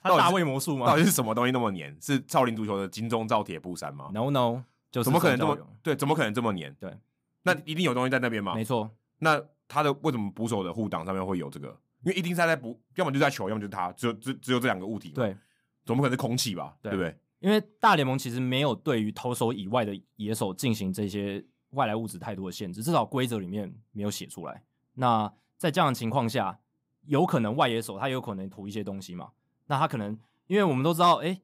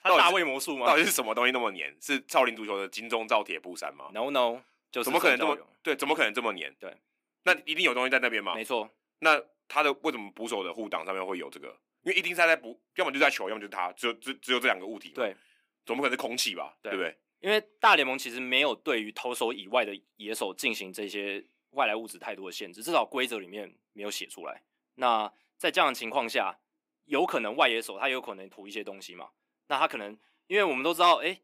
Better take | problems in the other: first | thin; somewhat; fading below 300 Hz

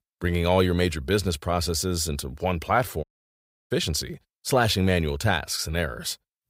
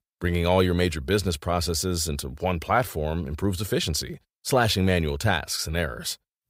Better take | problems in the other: second | audio cutting out; at 3 s for 0.5 s

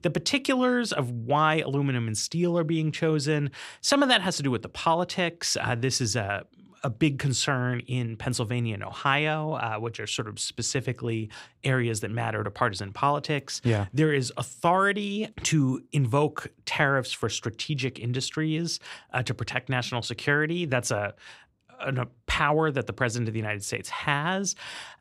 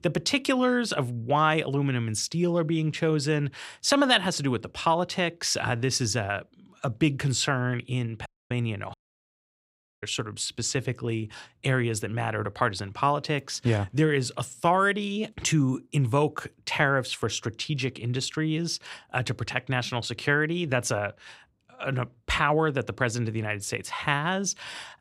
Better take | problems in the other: first | audio cutting out; at 8.5 s and at 9 s for 1 s

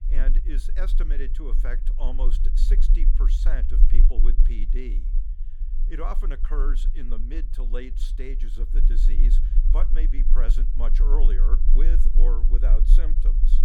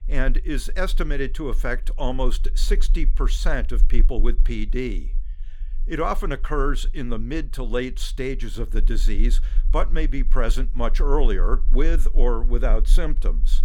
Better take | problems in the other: second | low rumble; loud; throughout; 9 dB below the speech; faint in the second

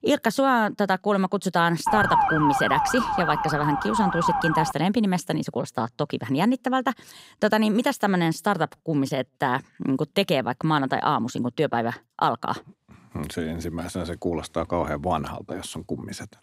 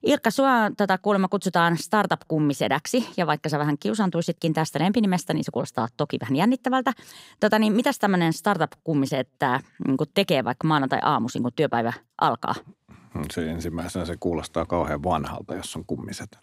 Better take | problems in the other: second | siren; loud; from 2 to 4.5 s; peak 4 dB above the speech

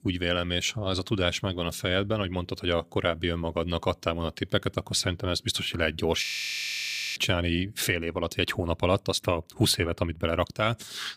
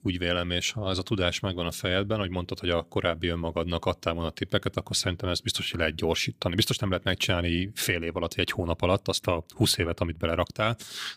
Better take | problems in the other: second | audio freezing; at 6 s for 1 s

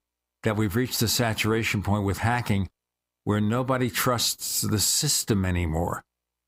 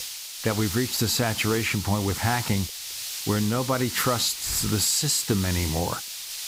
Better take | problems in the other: first | hiss; loud; throughout; 6 dB below the speech

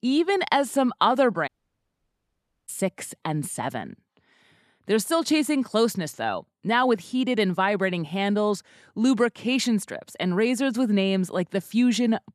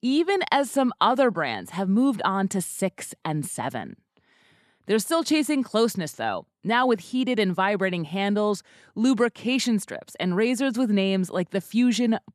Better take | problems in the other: second | audio cutting out; at 1.5 s for 1 s

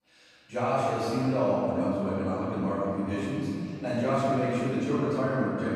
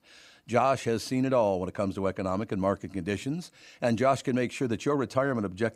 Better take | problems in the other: second | room echo; strong; dies away in 3 s // off-mic speech; far

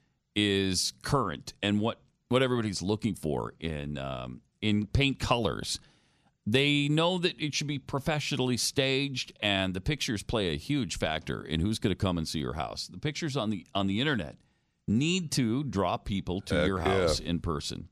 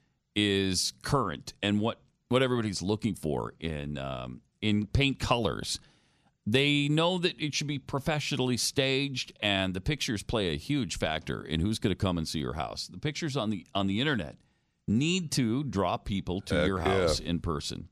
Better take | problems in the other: neither | none

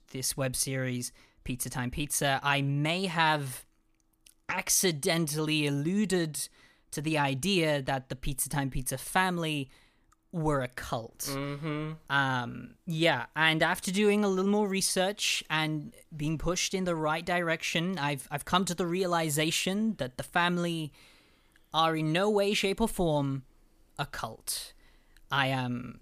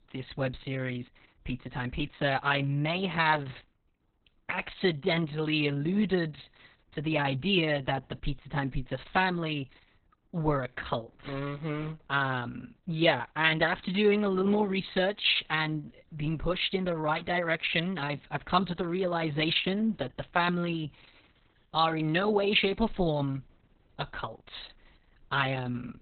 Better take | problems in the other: first | garbled, watery; badly; nothing above 4 kHz

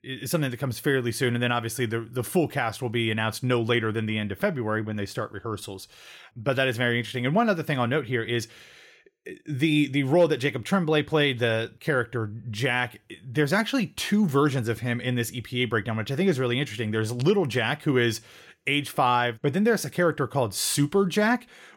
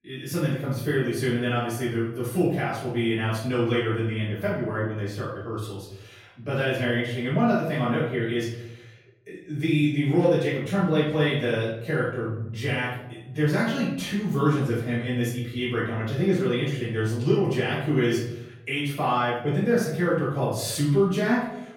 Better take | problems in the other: first | off-mic speech; far // room echo; noticeable; dies away in 0.8 s

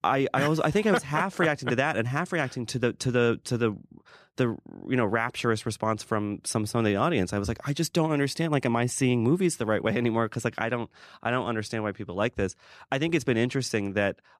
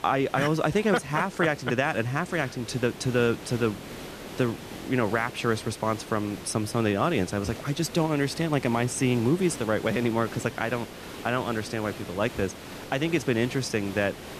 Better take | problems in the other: first | hiss; noticeable; throughout; 15 dB below the speech

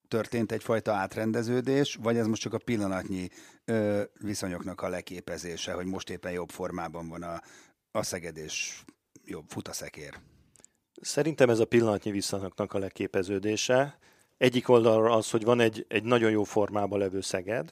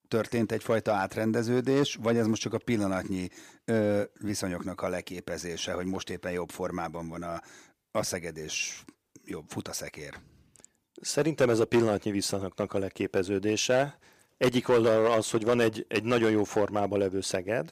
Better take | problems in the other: first | distortion; slight; 2% of the sound clipped

